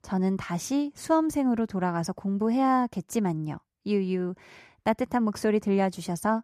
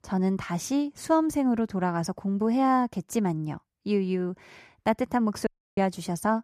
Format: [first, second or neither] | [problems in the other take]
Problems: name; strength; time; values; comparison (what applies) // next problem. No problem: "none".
first | audio cutting out; at 5.5 s